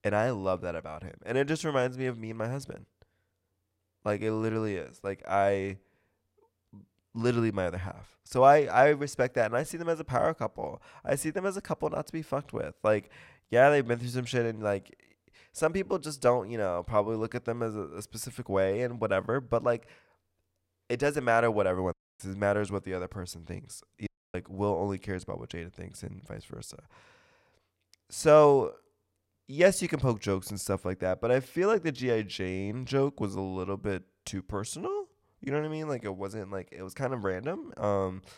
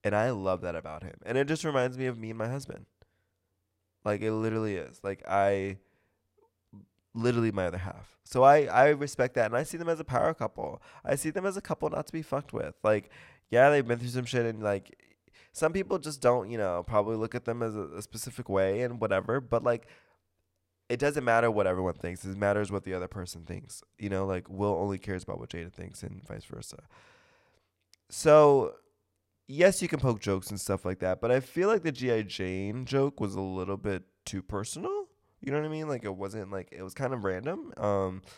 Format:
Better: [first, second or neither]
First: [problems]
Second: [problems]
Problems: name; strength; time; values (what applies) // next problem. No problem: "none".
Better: second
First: audio cutting out; at 22 s and at 24 s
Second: none